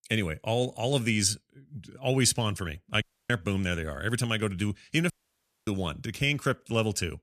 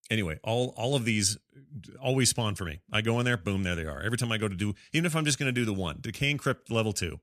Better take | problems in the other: second | audio cutting out; at 3 s and at 5 s for 0.5 s

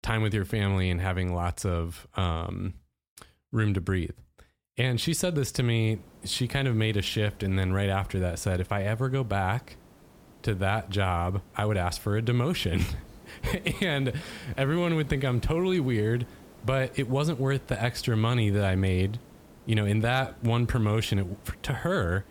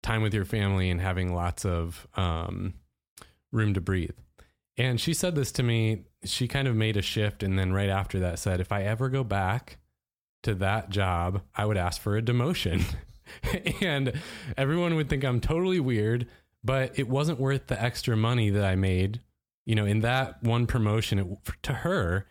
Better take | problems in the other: second | hiss; faint; from 6 s on; 25 dB below the speech

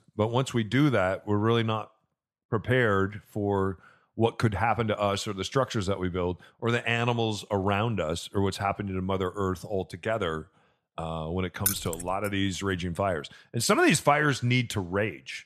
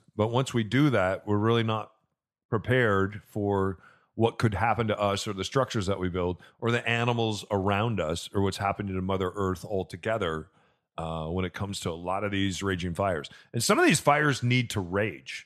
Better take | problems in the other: second | jangling keys; noticeable; at 12 s; peak 1 dB below the speech

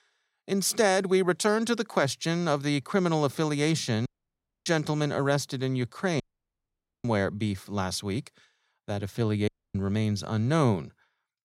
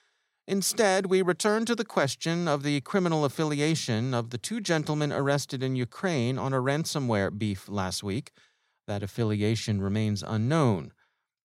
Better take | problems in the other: second | audio cutting out; at 4 s for 0.5 s, at 6 s for 1 s and at 9.5 s

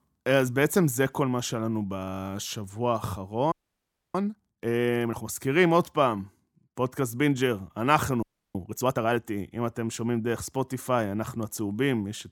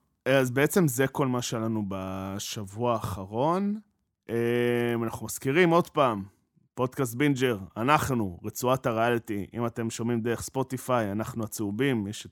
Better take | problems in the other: second | audio freezing; at 3.5 s for 0.5 s and at 8 s

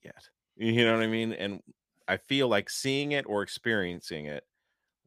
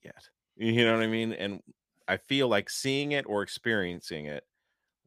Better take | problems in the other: neither | none

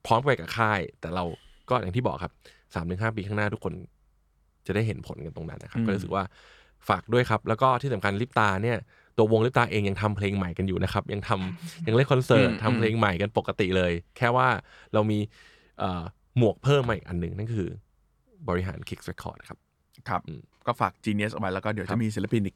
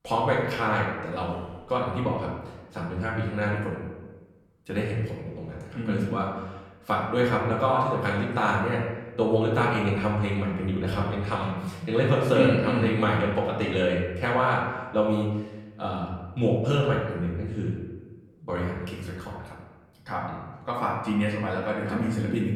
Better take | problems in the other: first | room echo; noticeable; dies away in 1.1 s // off-mic speech; far

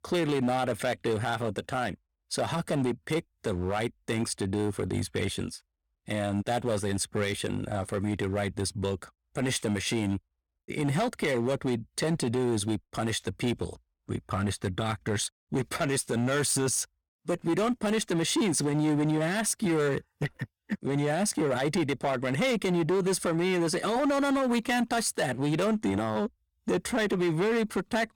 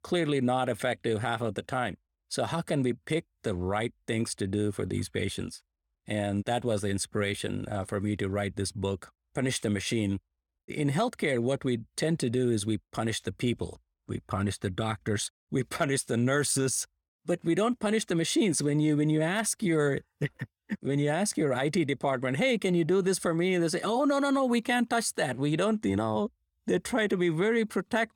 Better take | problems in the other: second | distortion; slight; 11% of the sound clipped

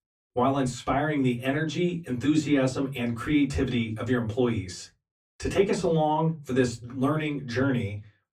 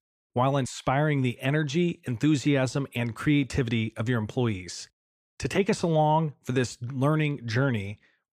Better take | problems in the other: second | off-mic speech; far // room echo; very slight; dies away in 0.2 s

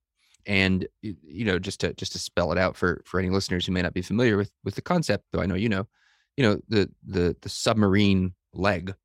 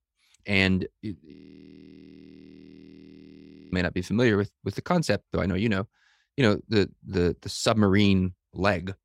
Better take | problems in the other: first | audio freezing; at 1.5 s for 2.5 s

